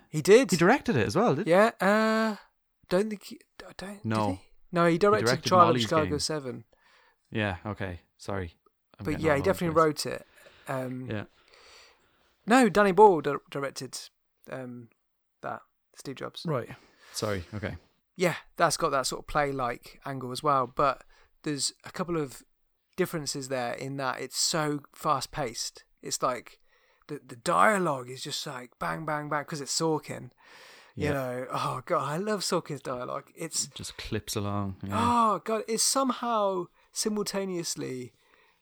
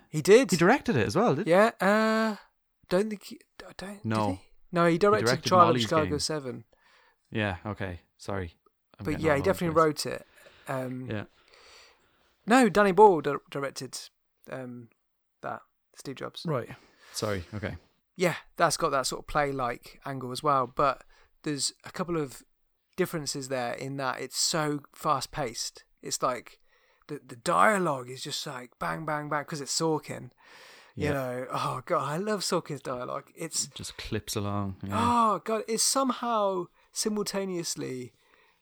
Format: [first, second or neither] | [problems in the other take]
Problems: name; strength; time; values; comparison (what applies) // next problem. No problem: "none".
neither | none